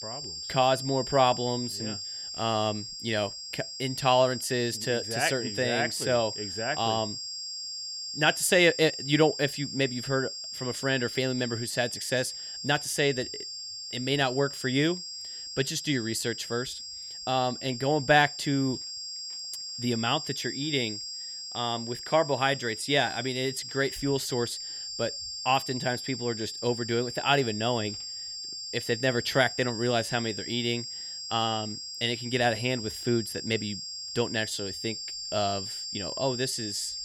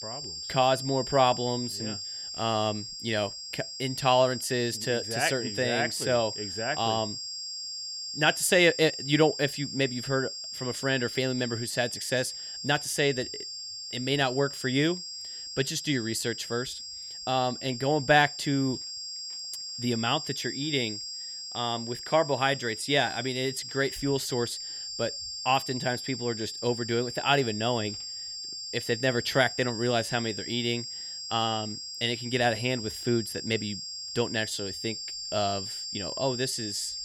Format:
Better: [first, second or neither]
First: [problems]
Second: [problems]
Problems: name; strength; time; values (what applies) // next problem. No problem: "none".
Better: neither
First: high-pitched whine; loud; throughout; 5 kHz, 7 dB below the speech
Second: high-pitched whine; loud; throughout; 5 kHz, 7 dB below the speech